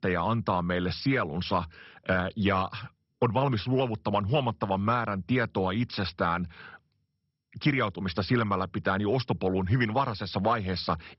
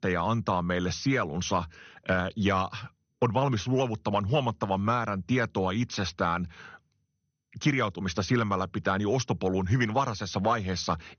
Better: second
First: garbled, watery; badly; nothing above 5.5 kHz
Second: garbled, watery; slightly; nothing above 6.5 kHz

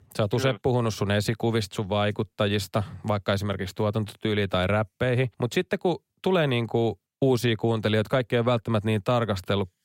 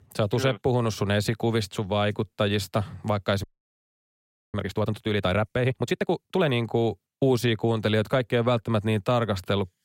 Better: first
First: none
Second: audio freezing; at 3.5 s for 1 s

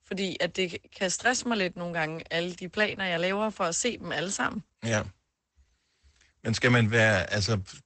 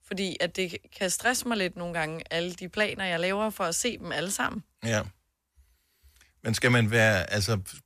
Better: second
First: garbled, watery; badly; nothing above 8 kHz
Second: none

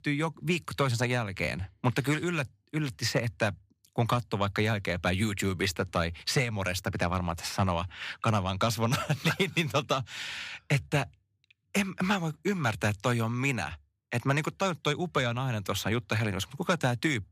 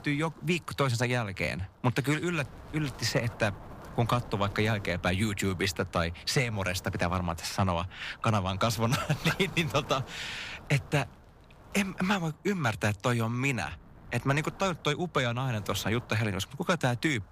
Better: first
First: none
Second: wind noise on the microphone; occasional gusts; 20 dB below the speech

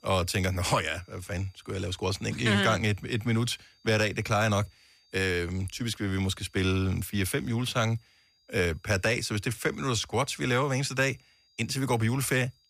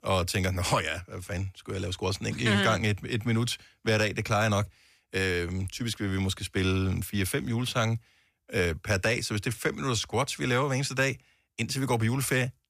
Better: second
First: high-pitched whine; faint; throughout; 5 kHz, 35 dB below the speech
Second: none

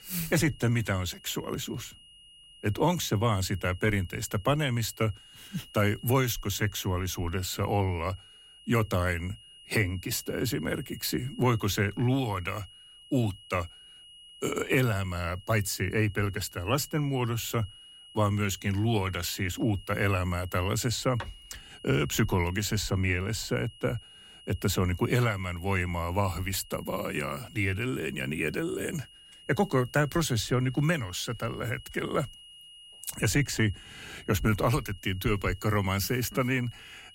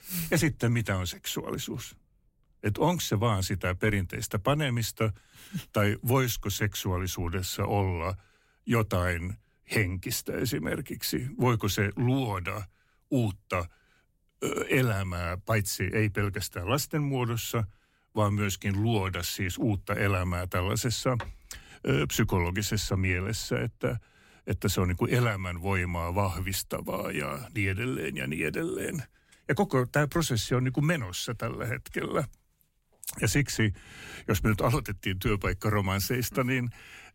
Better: second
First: high-pitched whine; faint; throughout; 3 kHz, 20 dB below the speech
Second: none

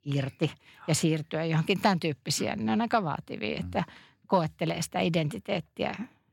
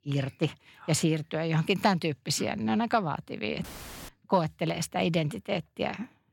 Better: first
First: none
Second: audio cutting out; filled with static; at 3.5 s

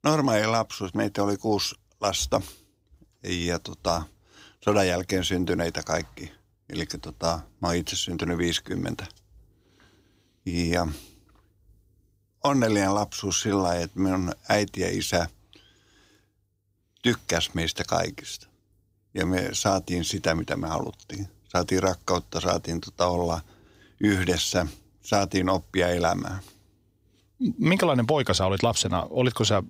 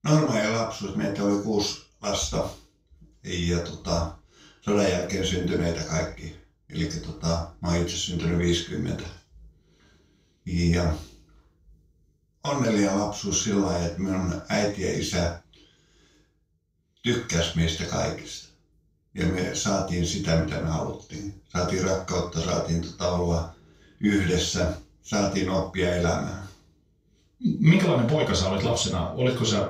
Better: first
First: none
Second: room echo; noticeable; dies away in 0.3 s // off-mic speech; far

